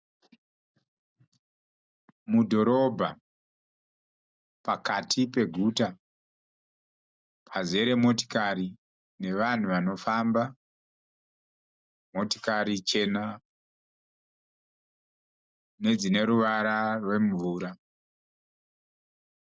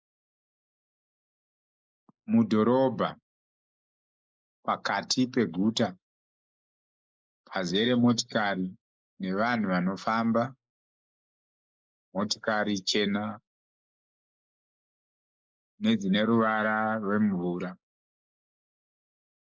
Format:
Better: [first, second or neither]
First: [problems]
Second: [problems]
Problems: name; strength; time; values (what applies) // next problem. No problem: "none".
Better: first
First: none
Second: noise reduction (neural mask model Resemble Enhance denoiser)